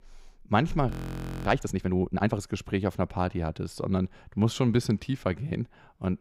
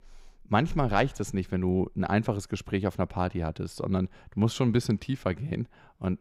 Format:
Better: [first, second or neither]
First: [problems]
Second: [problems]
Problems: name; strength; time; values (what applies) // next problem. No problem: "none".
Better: second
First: audio freezing; at 1 s for 0.5 s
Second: none